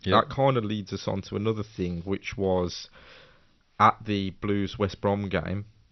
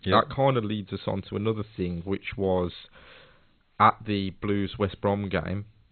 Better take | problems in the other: first | garbled, watery; badly; nothing above 4 kHz; slightly in the first

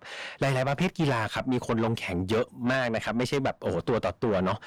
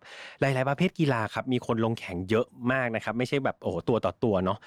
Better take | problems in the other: second | distortion; heavy; 7 dB below the speech

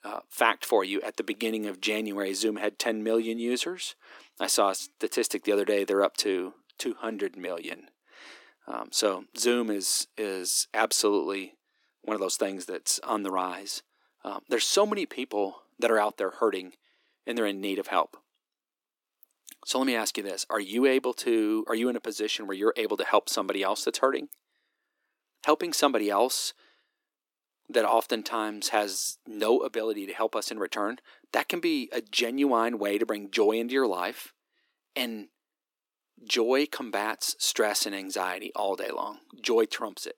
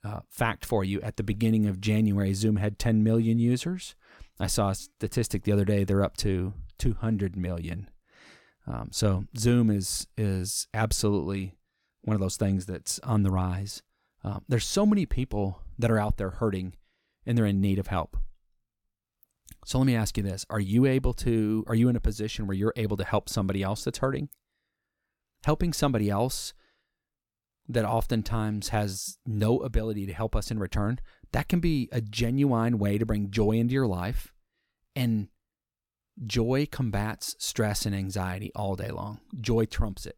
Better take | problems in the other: second | thin; very; fading below 300 Hz

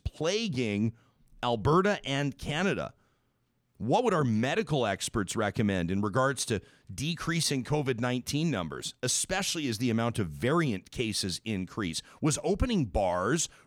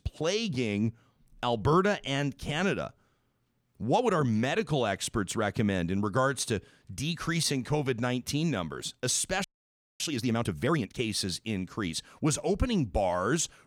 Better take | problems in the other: first | audio freezing; at 9.5 s for 0.5 s

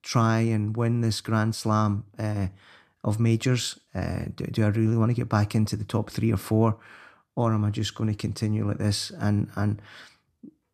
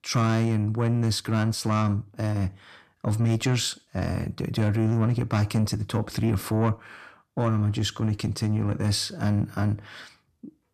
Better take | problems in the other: first | distortion; slight; 10 dB below the speech

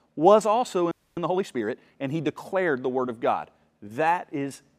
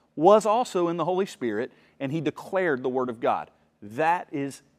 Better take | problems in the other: second | audio freezing; at 1 s

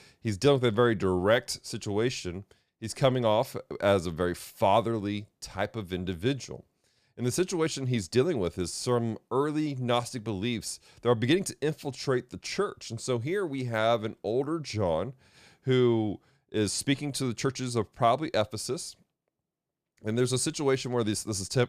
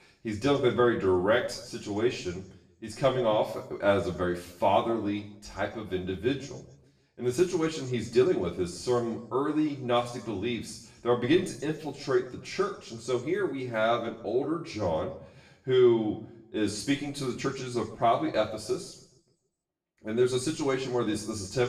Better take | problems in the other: first | room echo; slight; dies away in 0.7 s // off-mic speech; far

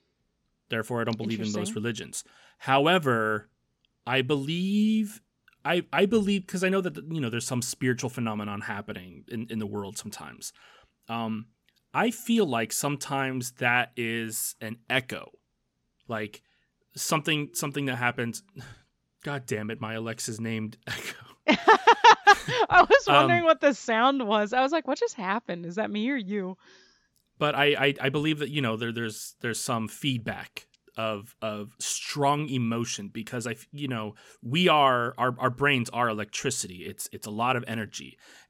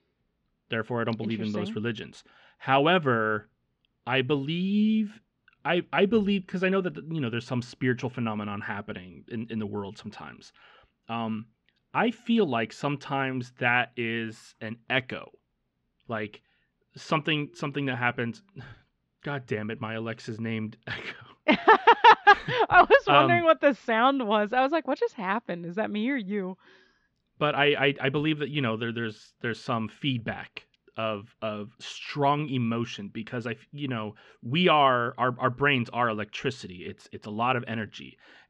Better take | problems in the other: first | muffled; slightly; fading above 3.5 kHz

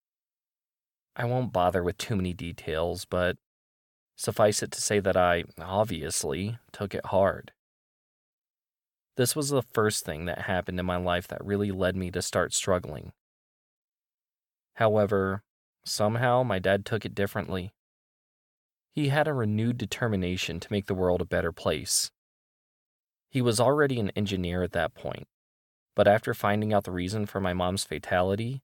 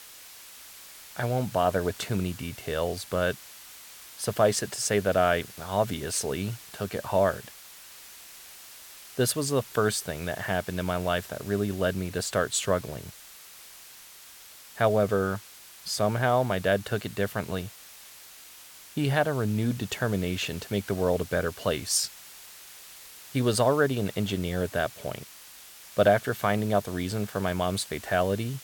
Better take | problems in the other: first | hiss; noticeable; throughout; 15 dB below the speech

